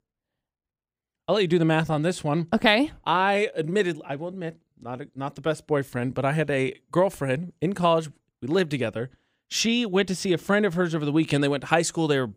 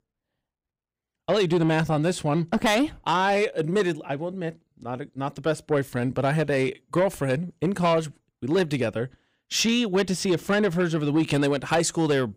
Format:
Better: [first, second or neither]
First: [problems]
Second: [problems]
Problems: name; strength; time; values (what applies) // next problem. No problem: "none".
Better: first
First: none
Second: distortion; slight; 10 dB below the speech